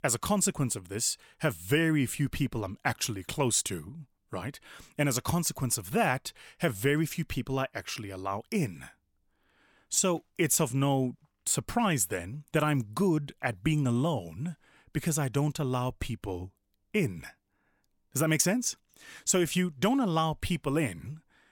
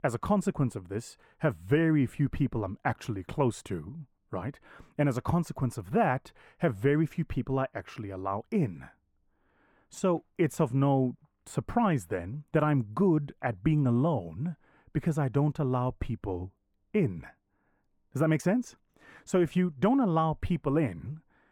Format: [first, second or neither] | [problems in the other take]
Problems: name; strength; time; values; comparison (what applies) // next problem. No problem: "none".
first | muffled; very; fading above 2.5 kHz